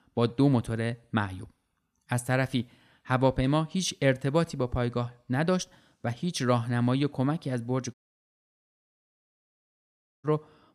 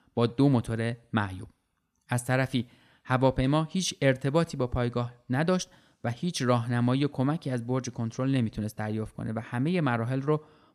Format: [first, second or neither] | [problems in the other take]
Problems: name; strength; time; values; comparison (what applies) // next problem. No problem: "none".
second | audio cutting out; at 8 s for 2.5 s